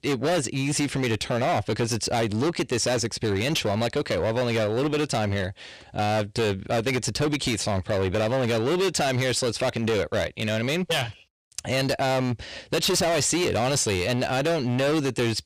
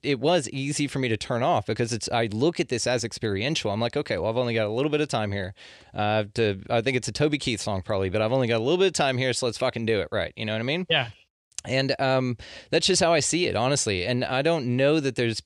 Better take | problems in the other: second | distortion; heavy; 23% of the sound clipped

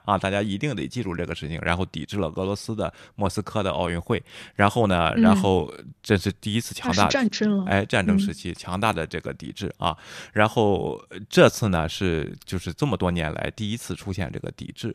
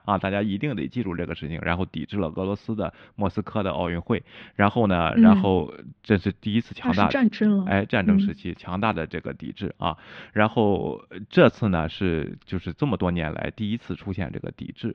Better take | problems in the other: first | muffled; slightly; fading above 3.5 kHz

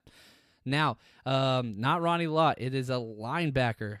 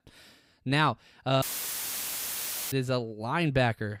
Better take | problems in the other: first | audio cutting out; filled with static; at 1.5 s for 1.5 s

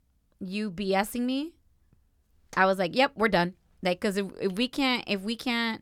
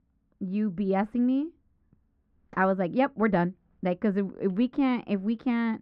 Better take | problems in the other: first | muffled; very; fading above 1.5 kHz

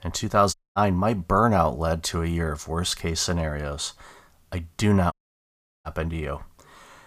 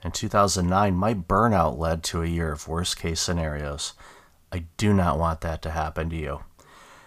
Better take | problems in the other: second | audio cutting out; at 0.5 s and at 5 s for 0.5 s

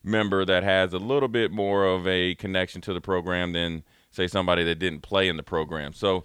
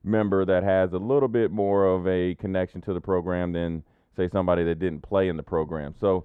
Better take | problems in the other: first | muffled; very; fading above 2 kHz

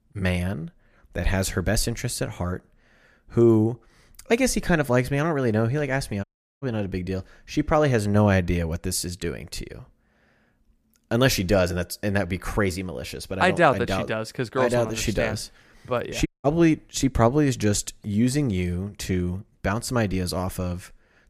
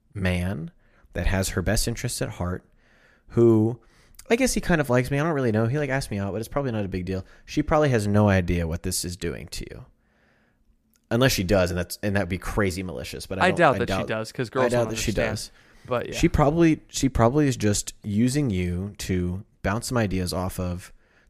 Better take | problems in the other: second | audio cutting out; at 6 s and at 16 s

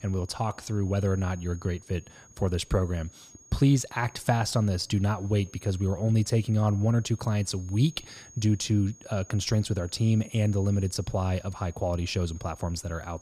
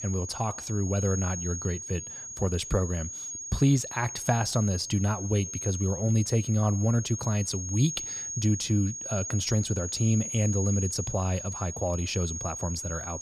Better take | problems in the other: first | high-pitched whine; loud; throughout; 6.5 kHz, 6 dB below the speech; faint in the first

